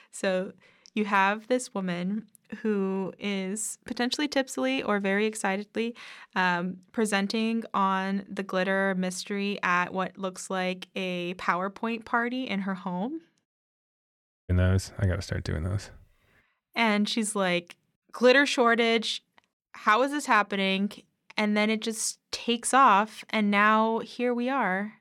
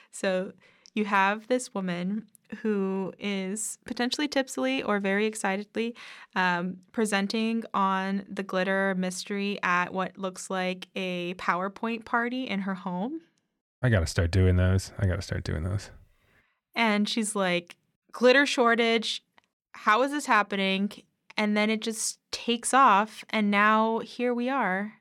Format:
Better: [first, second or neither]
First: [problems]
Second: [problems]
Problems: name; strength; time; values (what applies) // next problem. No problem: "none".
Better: second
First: audio cutting out; at 13 s for 1 s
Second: none